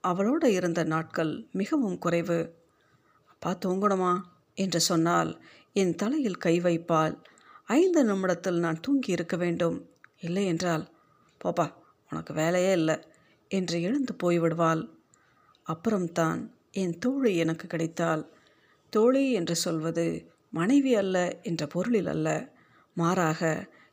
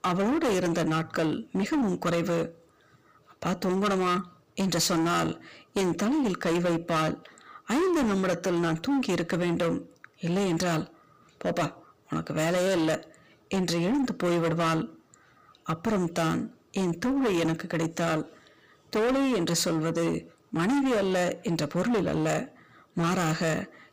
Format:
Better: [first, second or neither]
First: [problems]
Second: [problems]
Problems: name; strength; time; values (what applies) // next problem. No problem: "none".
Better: first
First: none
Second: distortion; heavy; 22% of the sound clipped